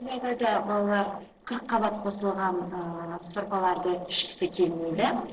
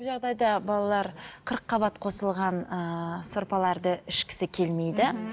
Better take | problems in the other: second | noise reduction (neural separator model SepFormer DNS4)

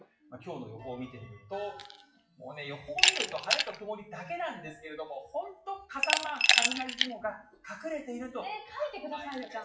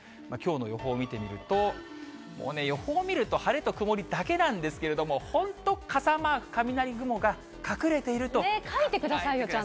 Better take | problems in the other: second | noise reduction (classical method WPE with log-MMSE)

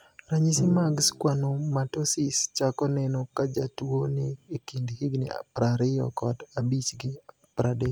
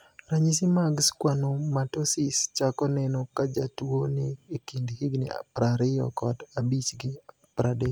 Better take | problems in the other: second | background sound (Bowed string instrument); 11 dB below the speech

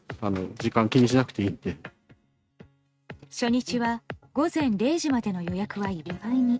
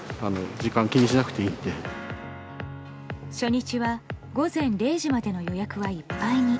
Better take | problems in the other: second | noise reduction (neural mask model RNNoise)

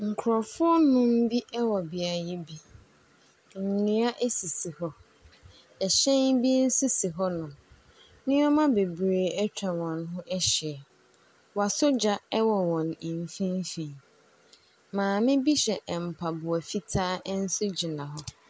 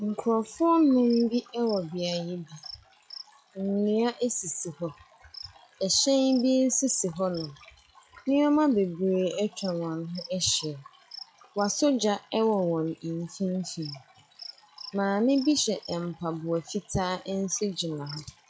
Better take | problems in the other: first | noise reduction (classical method log-MMSE)

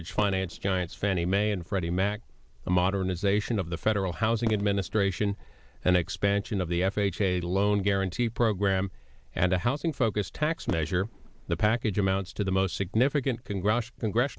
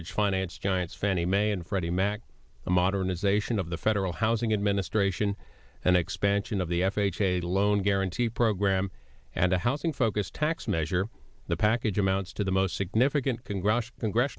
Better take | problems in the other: second | background sound (Fireworks); 18 dB below the speech

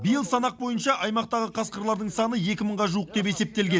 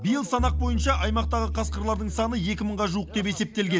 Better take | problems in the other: first | background sound (Bowed string instrument); 3 dB below the speech

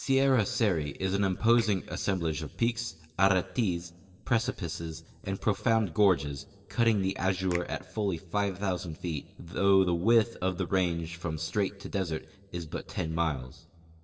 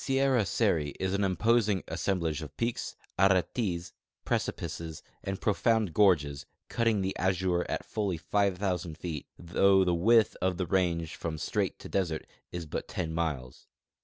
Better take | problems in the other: second | noise reduction (neural separator model SepFormer DNS4)

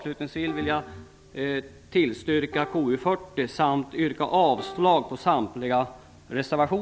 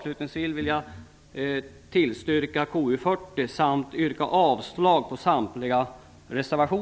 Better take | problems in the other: second | background sound (Plucked string instrument); 19 dB below the speech

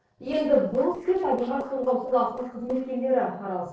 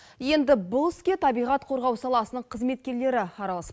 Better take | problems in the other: second | noise reduction (neural separator model SepFormer DNS4)

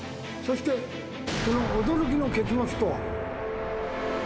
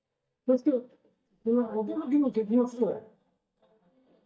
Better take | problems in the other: first | noise reduction (neural mask model DeepFilterNet 3)

